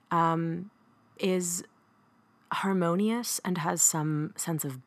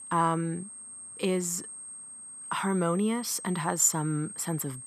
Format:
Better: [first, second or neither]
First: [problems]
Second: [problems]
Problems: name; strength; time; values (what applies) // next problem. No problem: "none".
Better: first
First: none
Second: high-pitched whine; noticeable; throughout; 8.5 kHz, 10 dB below the speech